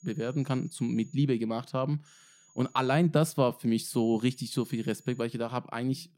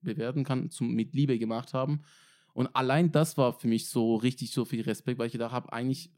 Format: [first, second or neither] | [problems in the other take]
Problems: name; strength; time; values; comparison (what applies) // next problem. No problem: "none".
second | high-pitched whine; faint; until 1 s, at 2 s and from 4 to 5 s; 7 kHz, 30 dB below the speech